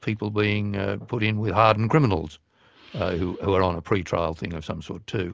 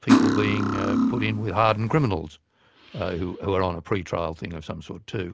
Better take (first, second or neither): first